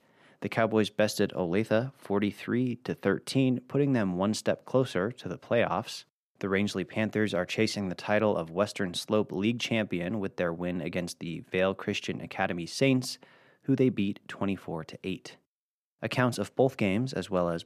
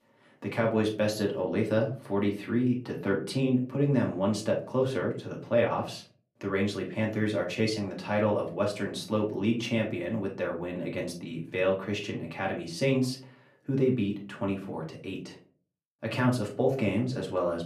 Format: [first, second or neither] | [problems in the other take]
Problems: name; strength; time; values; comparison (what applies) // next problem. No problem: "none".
first | off-mic speech; far // room echo; very slight; dies away in 0.3 s